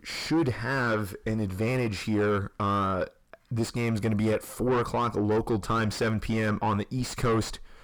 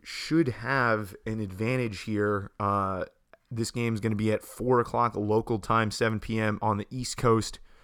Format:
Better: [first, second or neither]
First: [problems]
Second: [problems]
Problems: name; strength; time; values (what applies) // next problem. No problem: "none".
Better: second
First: distortion; heavy; 6 dB below the speech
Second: none